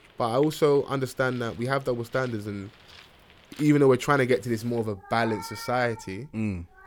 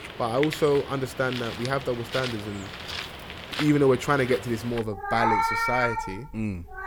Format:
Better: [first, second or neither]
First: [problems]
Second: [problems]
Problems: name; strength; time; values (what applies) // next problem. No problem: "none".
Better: first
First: animal sounds; faint; throughout; 20 dB below the speech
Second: animal sounds; loud; throughout; 5 dB below the speech